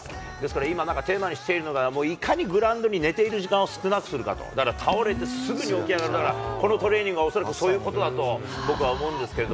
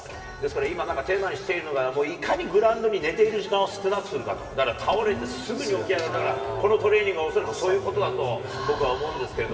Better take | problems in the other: first | room echo; dies away in 2.7 s

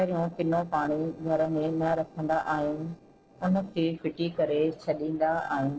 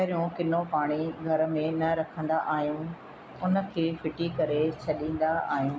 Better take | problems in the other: second | noise reduction (neural separator model SepFormer DNS4)

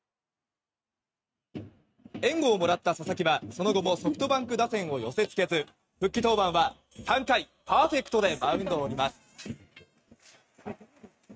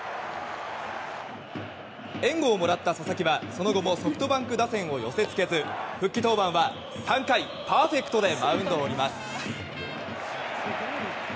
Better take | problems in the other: second | noise reduction (neural mask model RNNoise)

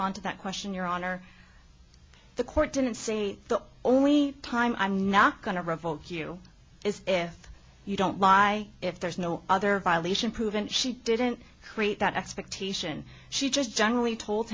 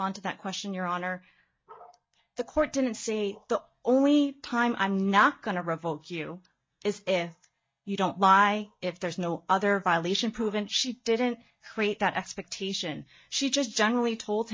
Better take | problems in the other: first | noise reduction (neural mask model DeepFilterNet 3)

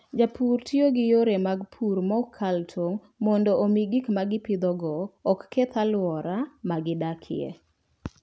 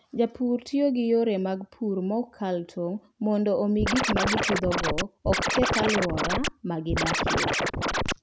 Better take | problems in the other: first | background sound (Scratching (performance technique)); 1 dB above the speech

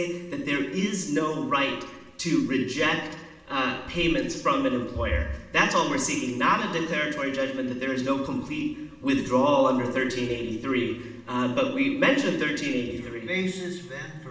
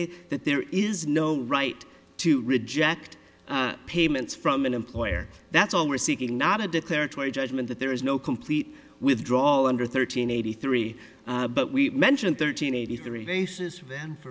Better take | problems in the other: second | room echo; dies away in 0.9 s

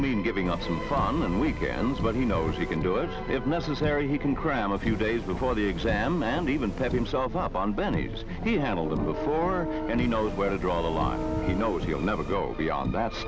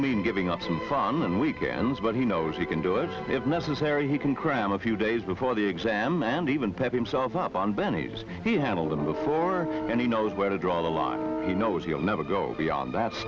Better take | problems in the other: second | background sound (Car + Bus); 6 dB below the speech

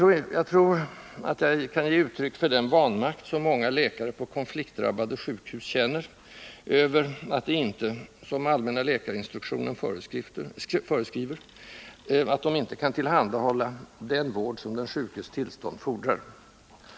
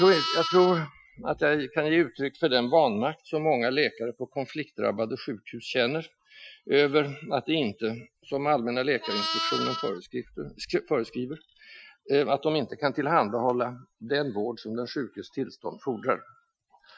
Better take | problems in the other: first | noise reduction (classical method Wiener filter)

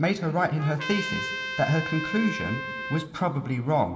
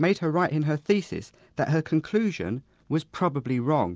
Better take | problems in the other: second | background sound (Trumpet); 7 dB below the speech // room echo; dies away in 1.5 s

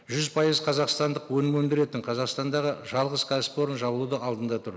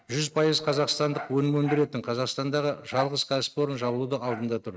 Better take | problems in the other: first | noise reduction (neural mask model RNNoise)

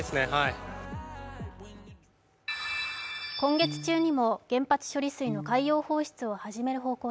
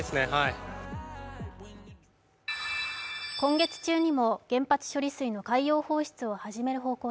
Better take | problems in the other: second | background sound (Piano); 11 dB below the speech

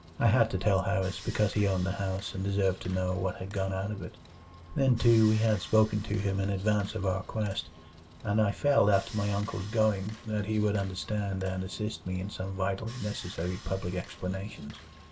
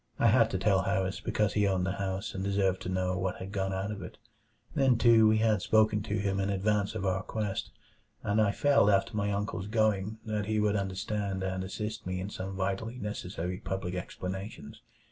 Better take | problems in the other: second | background sound (Sawing); 19 dB below the speech

